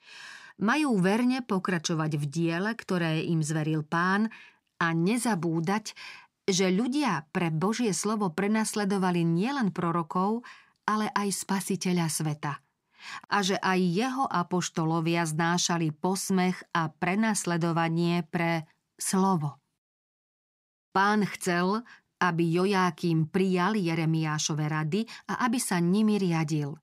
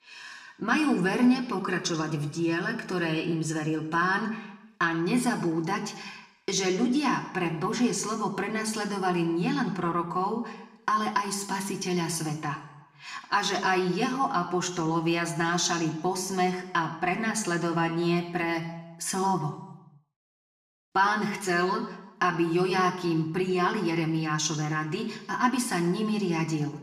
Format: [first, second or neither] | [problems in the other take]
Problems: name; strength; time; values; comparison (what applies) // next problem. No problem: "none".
first | room echo; slight; dies away in 0.8 s // off-mic speech; somewhat distant